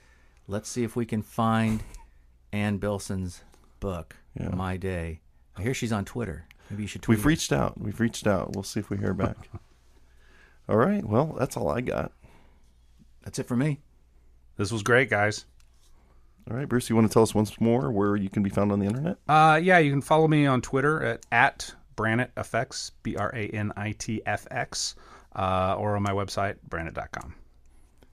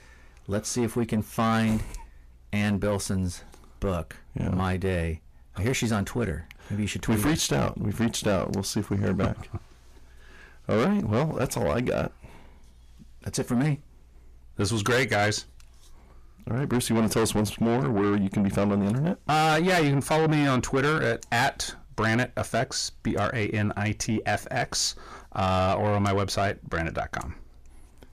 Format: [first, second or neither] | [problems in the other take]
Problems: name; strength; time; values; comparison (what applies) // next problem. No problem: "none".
first | distortion; heavy; 6 dB below the speech